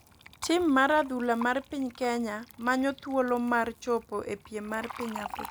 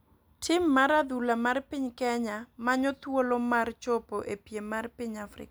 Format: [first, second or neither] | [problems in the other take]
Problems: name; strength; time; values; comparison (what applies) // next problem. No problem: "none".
second | background sound (Fill (with liquid)); 16 dB below the speech